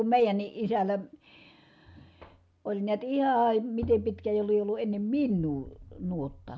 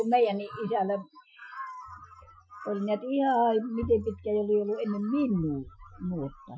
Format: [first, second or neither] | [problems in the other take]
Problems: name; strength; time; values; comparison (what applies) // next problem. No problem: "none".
first | noise reduction (classical method Wiener filter)